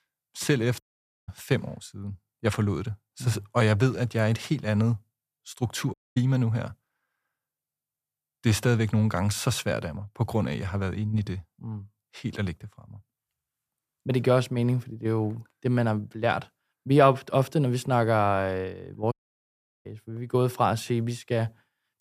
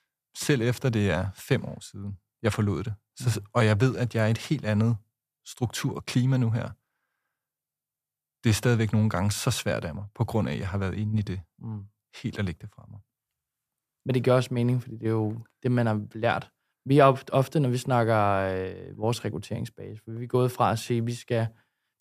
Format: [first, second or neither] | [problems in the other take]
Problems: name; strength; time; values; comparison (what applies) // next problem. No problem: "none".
second | audio cutting out; at 1 s, at 6 s and at 19 s for 0.5 s